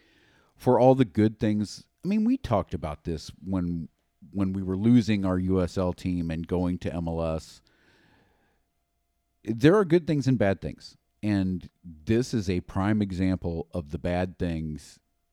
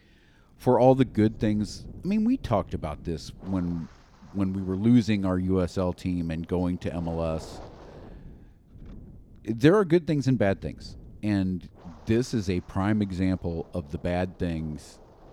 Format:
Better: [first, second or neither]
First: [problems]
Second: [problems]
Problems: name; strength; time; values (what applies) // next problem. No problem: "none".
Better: first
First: none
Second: wind noise on the microphone; occasional gusts; 25 dB below the speech